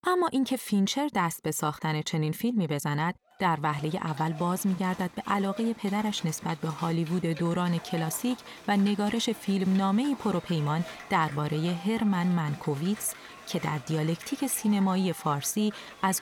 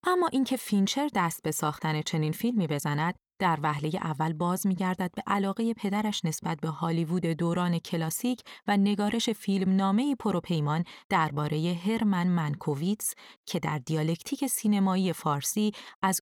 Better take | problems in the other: second | crowd noise; noticeable; from 4 s on; 15 dB below the speech

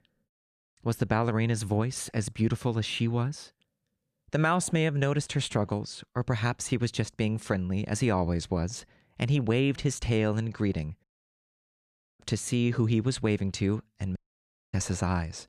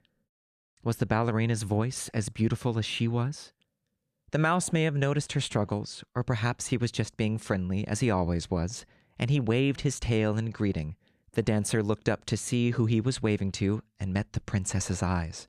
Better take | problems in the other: second | audio cutting out; at 11 s for 1 s and at 14 s for 0.5 s

